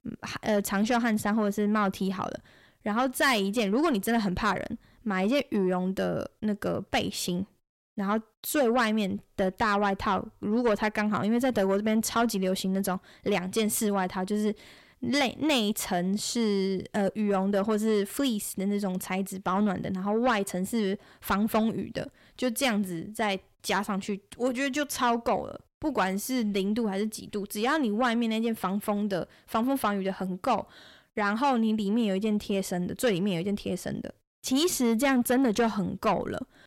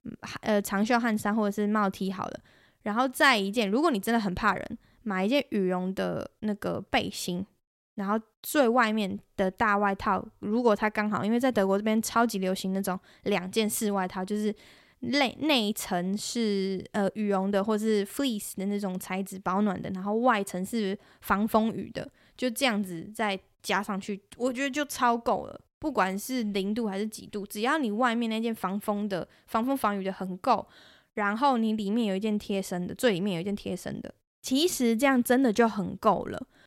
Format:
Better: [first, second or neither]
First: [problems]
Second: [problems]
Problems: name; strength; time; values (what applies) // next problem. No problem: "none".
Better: second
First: distortion; slight; 10 dB below the speech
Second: none